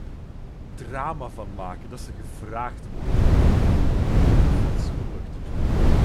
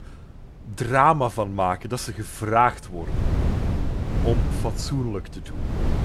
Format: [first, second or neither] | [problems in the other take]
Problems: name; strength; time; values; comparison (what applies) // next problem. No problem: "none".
second | wind noise on the microphone; heavy; 3 dB above the speech; occasional gusts in the second